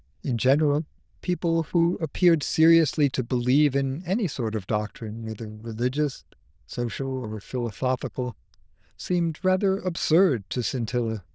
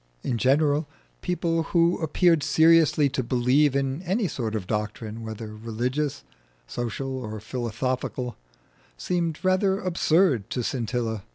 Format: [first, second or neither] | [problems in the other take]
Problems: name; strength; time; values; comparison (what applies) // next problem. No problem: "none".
second | noise reduction (neural diffusion model UNIVERSE++)